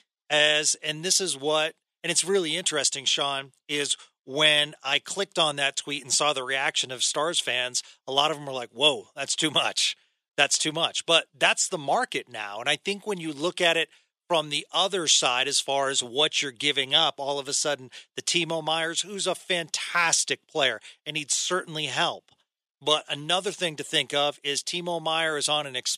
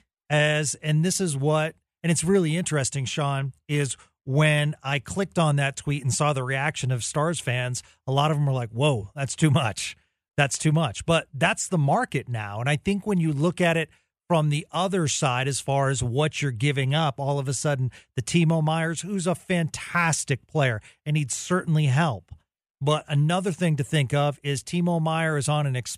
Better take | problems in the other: second | thin; very; fading below 300 Hz

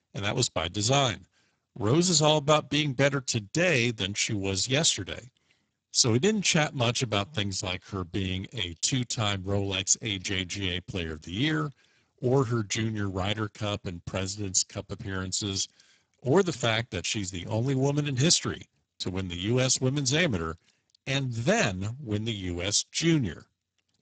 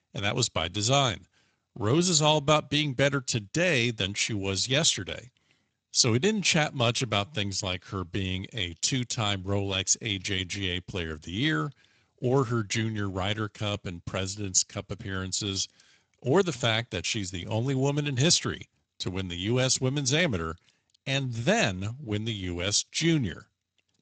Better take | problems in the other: second | garbled, watery; badly; nothing above 7.5 kHz; slightly in the second

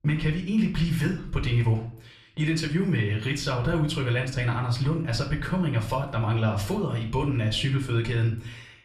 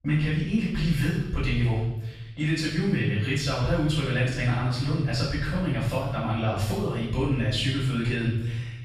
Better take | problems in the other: first | room echo; strong; dies away in 0.9 s; slight in the first // off-mic speech; far; somewhat distant in the first

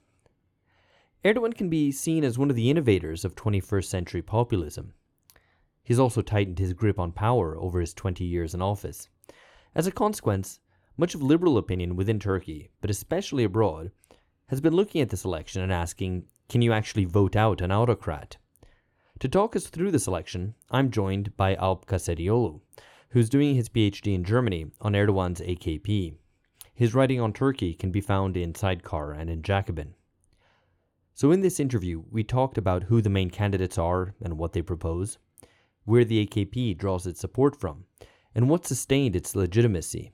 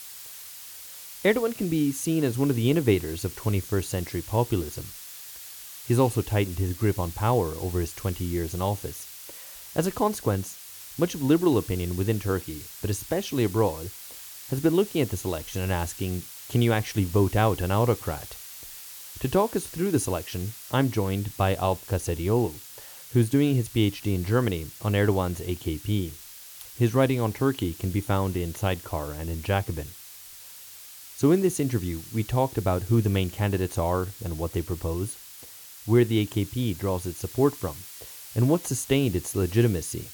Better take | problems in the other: first | hiss; noticeable; throughout; 15 dB below the speech

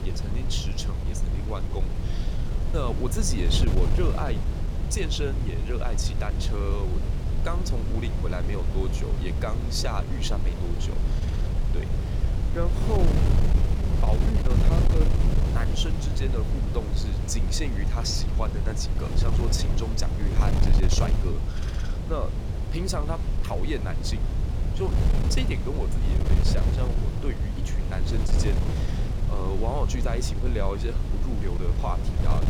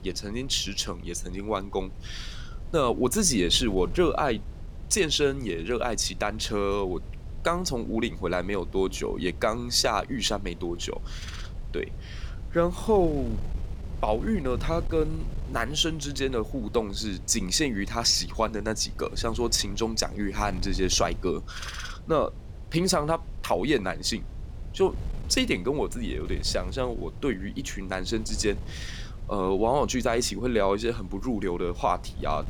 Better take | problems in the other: second | wind noise on the microphone; heavy; 4 dB below the speech; occasional gusts in the second

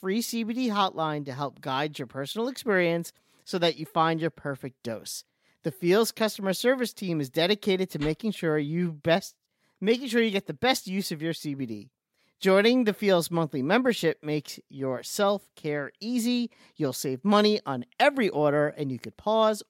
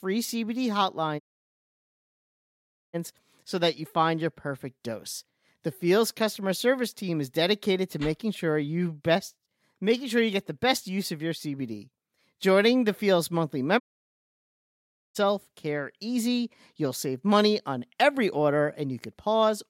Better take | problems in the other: first | audio cutting out; at 1 s for 1.5 s and at 14 s for 1.5 s

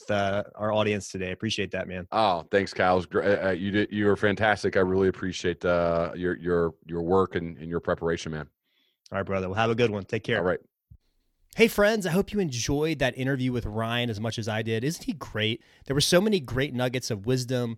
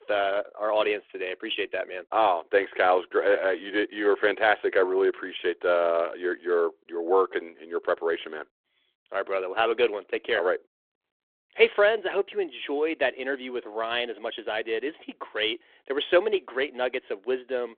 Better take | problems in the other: first | phone-call audio

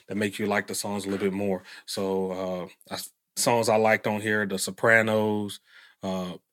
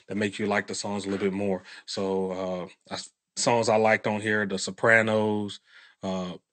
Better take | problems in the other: first | garbled, watery; slightly; nothing above 8.5 kHz

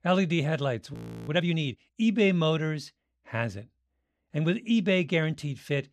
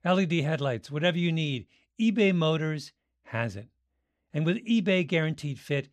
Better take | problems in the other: second | audio freezing; at 1 s

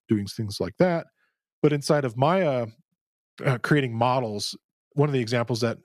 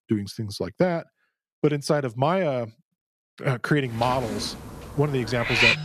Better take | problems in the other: first | animal sounds; very loud; from 4 s on; as loud as the speech

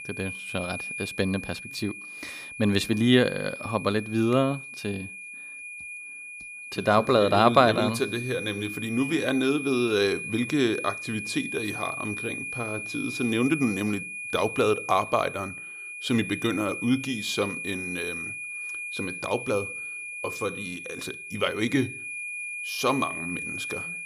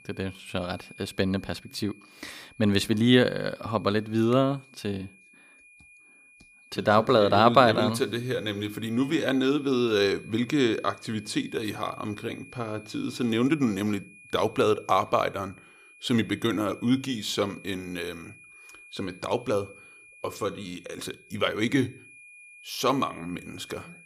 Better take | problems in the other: second | high-pitched whine; loud; throughout; 2.5 kHz, 7 dB below the speech; faint in the second

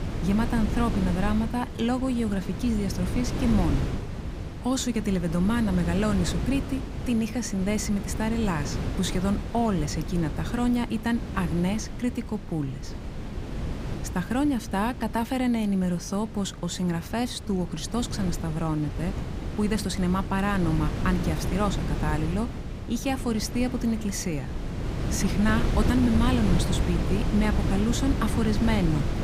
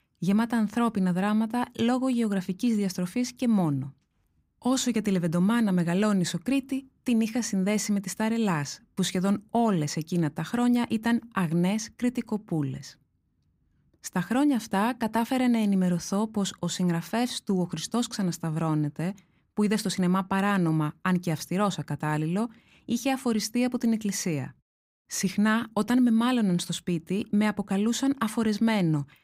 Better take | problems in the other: second | wind noise on the microphone; heavy; 7 dB below the speech

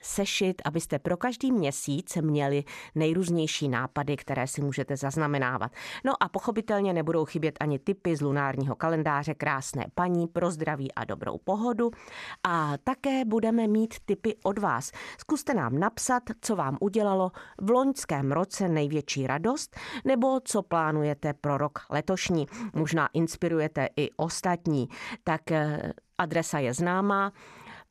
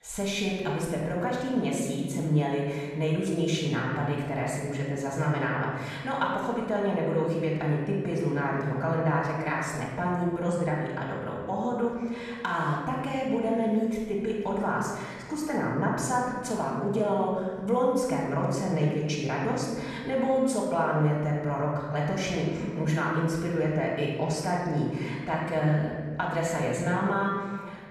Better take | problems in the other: first | off-mic speech; far // room echo; noticeable; dies away in 1.5 s

